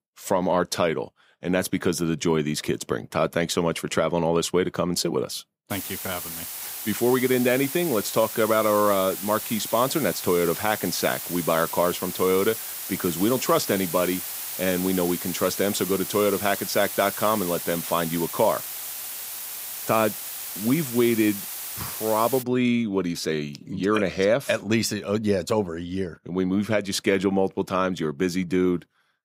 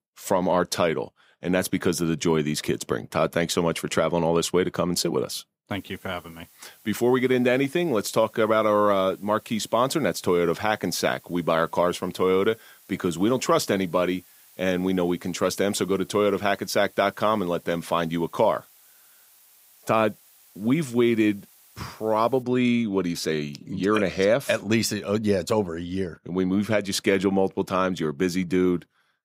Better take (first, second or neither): second